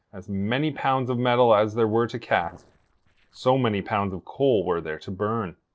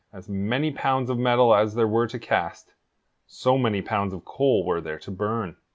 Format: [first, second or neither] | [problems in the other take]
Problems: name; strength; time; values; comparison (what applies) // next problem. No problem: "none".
second | noise reduction (neural separator model SepFormer DNS4)